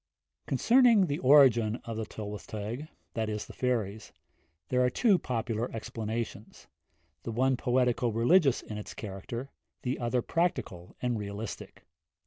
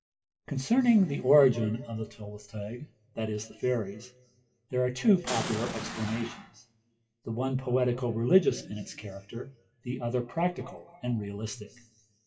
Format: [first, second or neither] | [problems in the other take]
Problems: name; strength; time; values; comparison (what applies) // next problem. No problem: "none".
first | noise reduction (classical method WPE with log-MMSE)